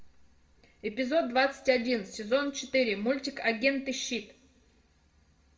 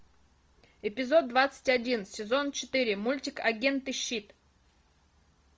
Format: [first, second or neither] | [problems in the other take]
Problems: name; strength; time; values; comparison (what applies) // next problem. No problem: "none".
second | room echo; dies away in 0.5 s